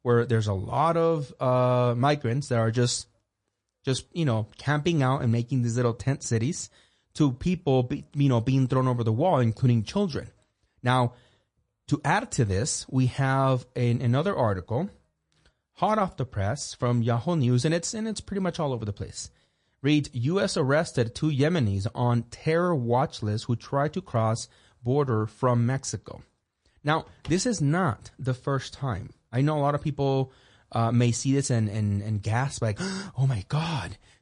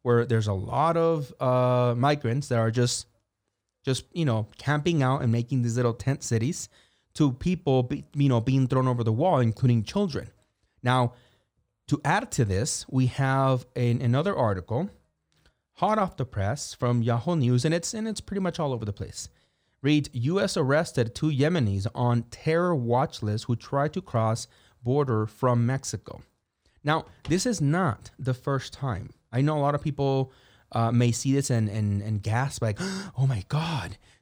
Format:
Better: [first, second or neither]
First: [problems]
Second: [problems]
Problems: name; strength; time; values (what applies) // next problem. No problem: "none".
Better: second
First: garbled, watery; slightly; nothing above 9.5 kHz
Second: none